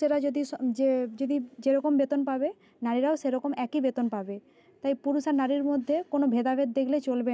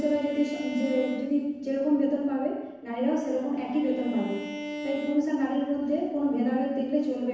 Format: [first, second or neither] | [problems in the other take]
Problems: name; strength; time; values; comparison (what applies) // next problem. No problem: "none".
first | background sound (Bowed string instrument); 13 dB below the speech // room echo; dies away in 1.1 s